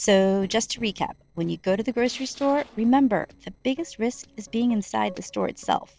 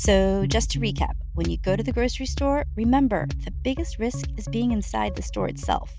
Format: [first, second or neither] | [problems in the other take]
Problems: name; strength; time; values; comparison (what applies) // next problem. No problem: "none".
second | noise reduction (neural separator model SepFormer DNS4)